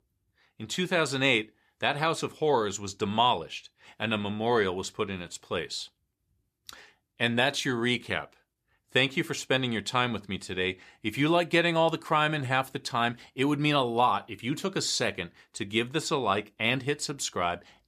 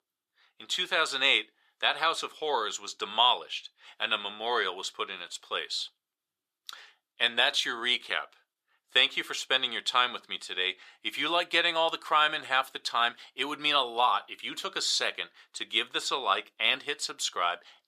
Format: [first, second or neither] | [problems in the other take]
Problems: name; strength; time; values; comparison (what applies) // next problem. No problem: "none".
first | thin; very; fading below 550 Hz